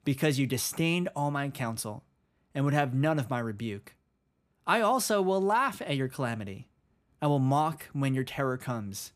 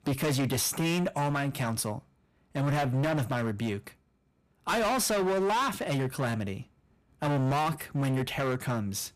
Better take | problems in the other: first | distortion; heavy; 19% of the sound clipped

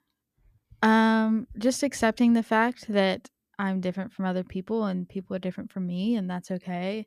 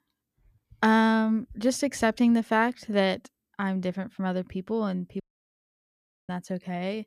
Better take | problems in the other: first | audio cutting out; at 5 s for 1 s

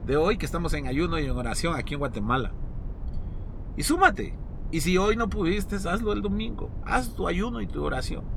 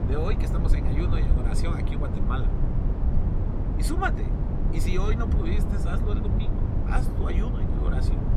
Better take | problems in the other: first | low rumble; loud; throughout; 3 dB below the speech; faint in the first

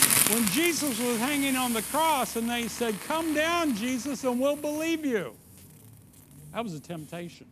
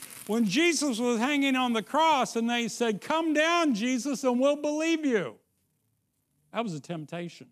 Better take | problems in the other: second | hiss; loud; throughout; 2 dB below the speech; faint in the second

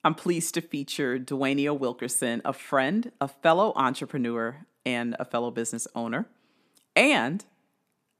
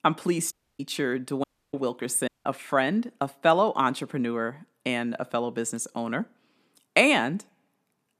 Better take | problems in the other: first | audio cutting out; at 0.5 s, at 1.5 s and at 2.5 s

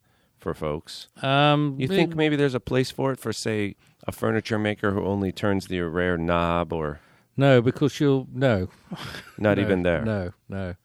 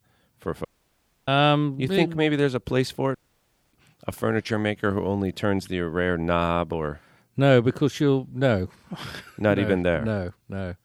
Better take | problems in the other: first | audio cutting out; at 0.5 s for 0.5 s and at 3 s for 0.5 s

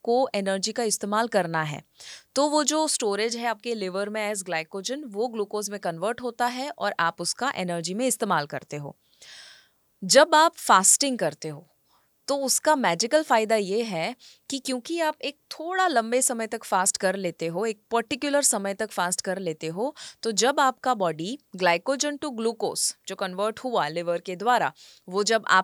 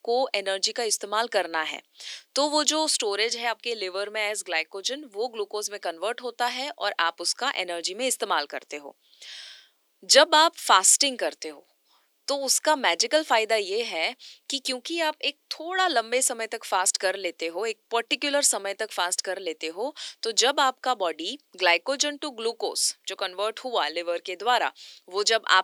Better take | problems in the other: first | thin; very slightly; fading below 300 Hz

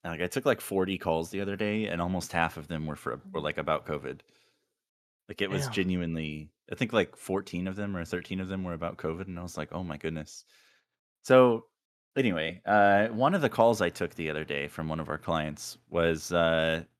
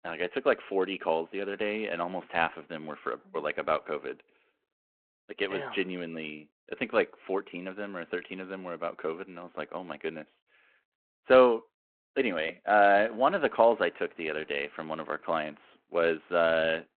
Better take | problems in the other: first | phone-call audio

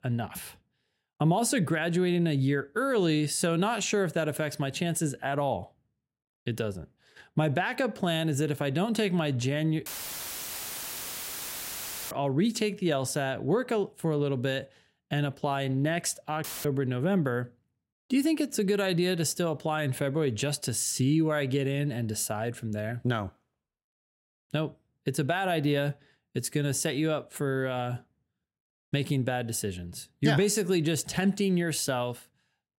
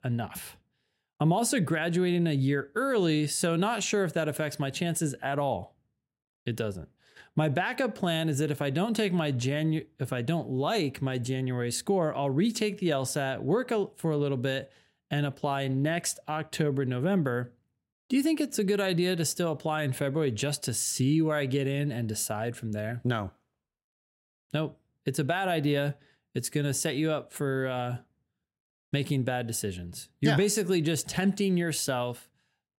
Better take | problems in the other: second | audio cutting out; filled with static; at 10 s for 2.5 s and at 16 s

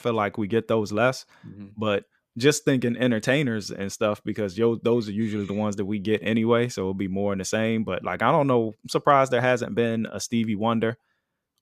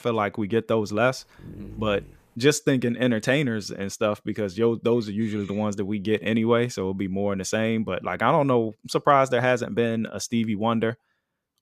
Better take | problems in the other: first | dog barking; faint; at 1 s; peak 15 dB below the speech

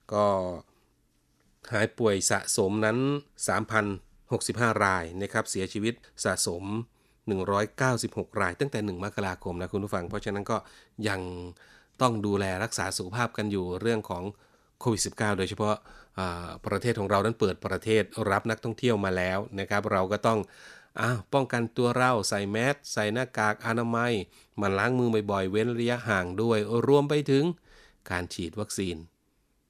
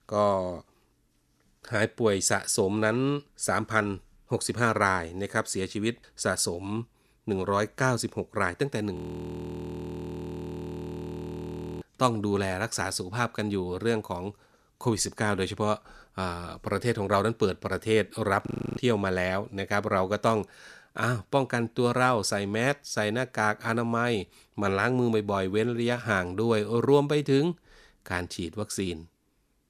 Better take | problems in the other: first | audio freezing; at 9 s for 3 s and at 18 s

